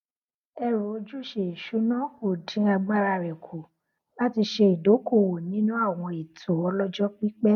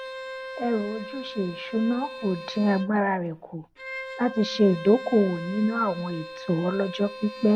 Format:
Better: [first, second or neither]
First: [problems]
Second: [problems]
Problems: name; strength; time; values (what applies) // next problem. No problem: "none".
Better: first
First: none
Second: background sound (Bowed string instrument); 12 dB below the speech